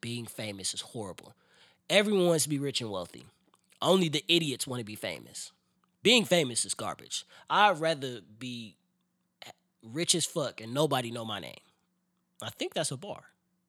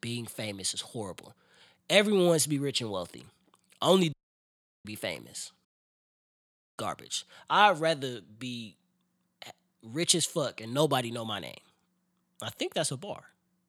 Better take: first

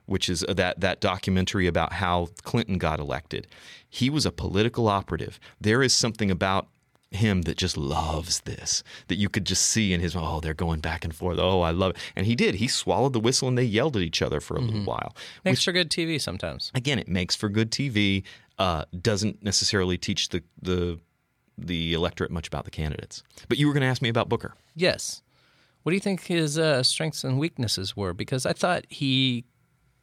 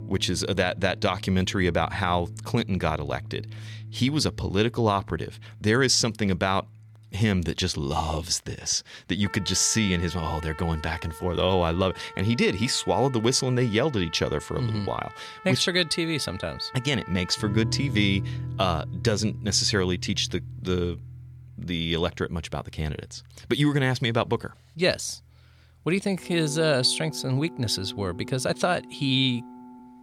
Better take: first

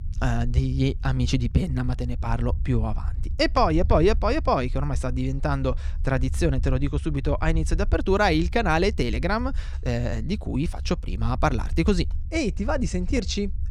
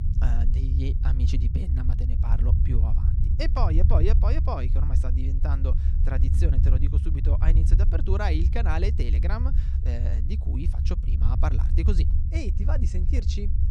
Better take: first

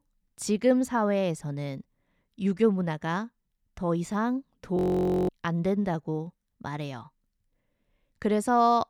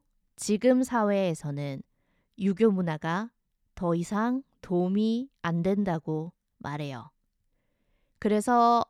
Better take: second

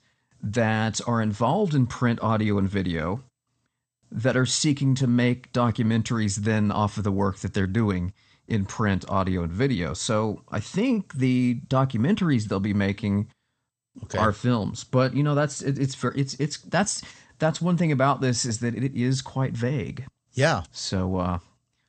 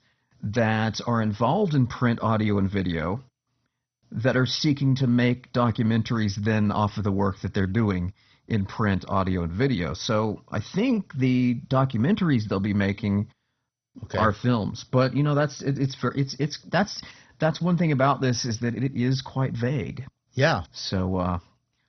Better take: first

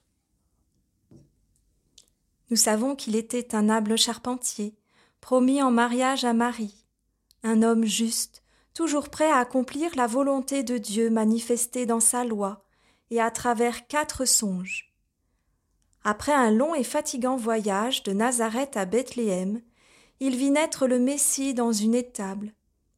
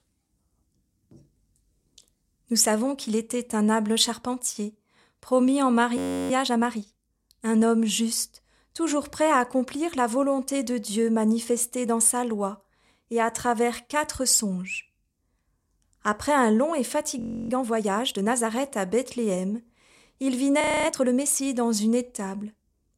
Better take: first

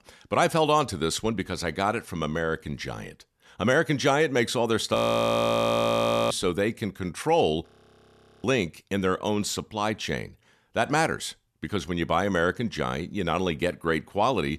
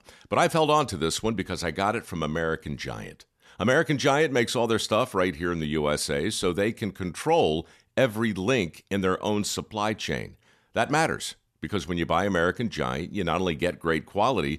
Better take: second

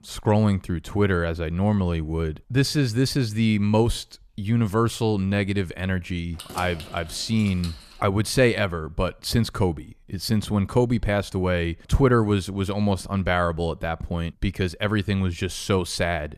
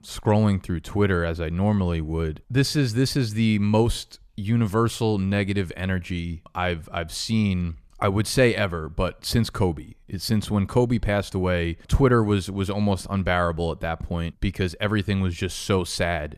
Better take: second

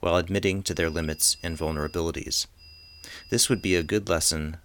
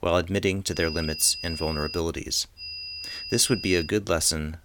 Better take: first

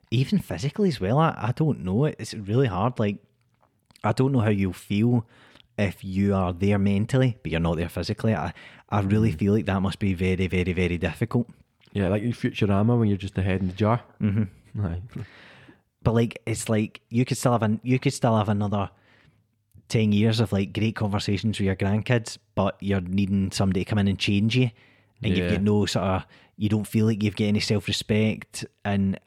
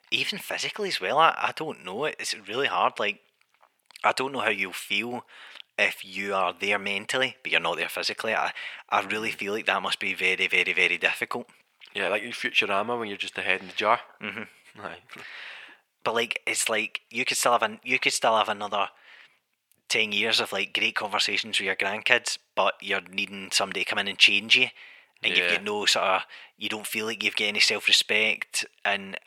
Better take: first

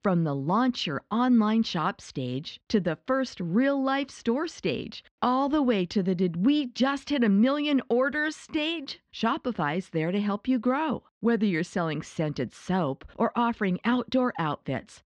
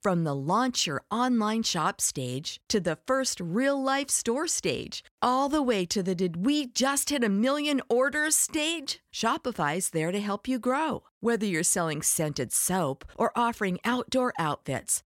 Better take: second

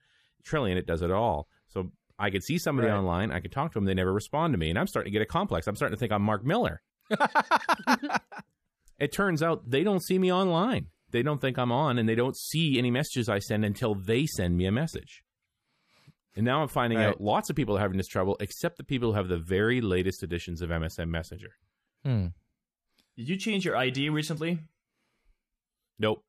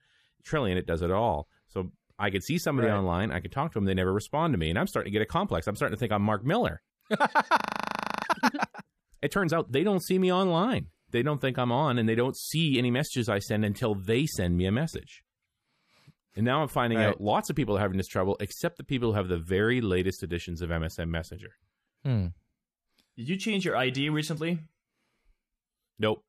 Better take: first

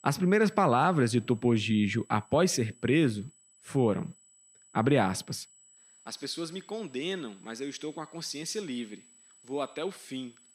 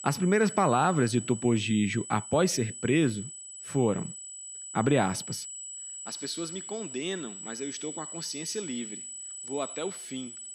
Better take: first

